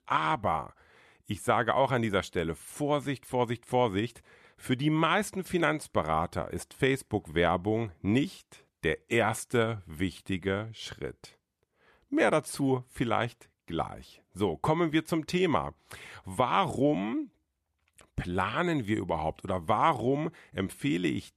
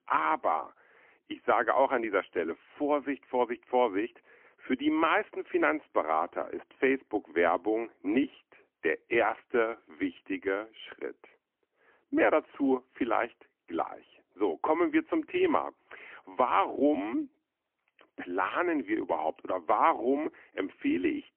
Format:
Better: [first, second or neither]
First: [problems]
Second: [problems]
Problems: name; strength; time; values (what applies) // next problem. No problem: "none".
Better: first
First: none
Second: phone-call audio; poor line; nothing above 3 kHz